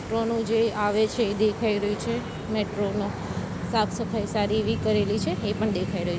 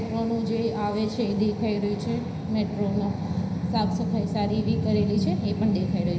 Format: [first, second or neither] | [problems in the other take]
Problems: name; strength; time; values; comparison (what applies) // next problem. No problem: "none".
first | room echo; dies away in 0.9 s